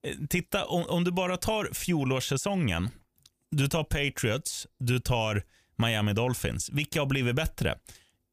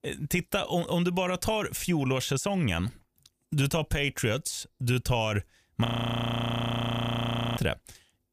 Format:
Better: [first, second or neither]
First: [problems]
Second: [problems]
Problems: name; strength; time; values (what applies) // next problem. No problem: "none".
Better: first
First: none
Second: audio freezing; at 6 s for 1.5 s